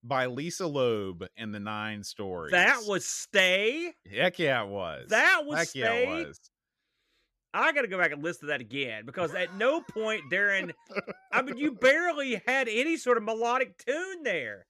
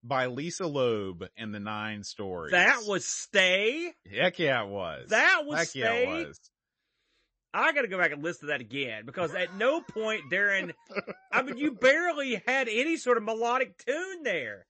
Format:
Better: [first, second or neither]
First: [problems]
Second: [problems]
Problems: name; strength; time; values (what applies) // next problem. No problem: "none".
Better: first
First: none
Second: garbled, watery; slightly; nothing above 7.5 kHz